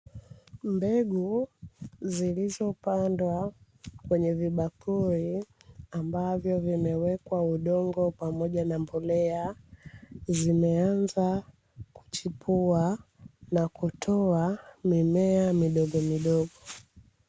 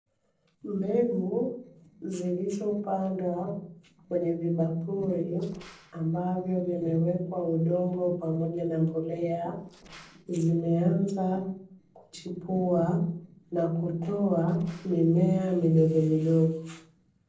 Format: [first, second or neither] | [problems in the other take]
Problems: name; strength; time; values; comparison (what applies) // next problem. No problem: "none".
first | noise reduction (neural separator model SepFormer DNS4)